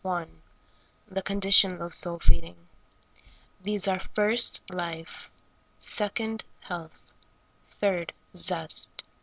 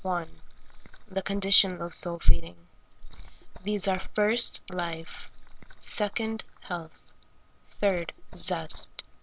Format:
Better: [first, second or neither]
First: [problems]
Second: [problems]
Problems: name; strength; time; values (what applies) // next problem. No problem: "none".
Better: first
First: none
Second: background sound (Liquid); 15 dB below the speech